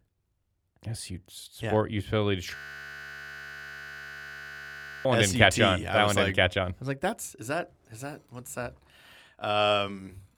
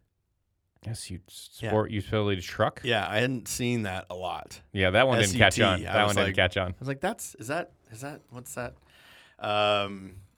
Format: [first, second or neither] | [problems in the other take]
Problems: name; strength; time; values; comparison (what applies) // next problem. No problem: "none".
second | audio freezing; at 2.5 s for 2.5 s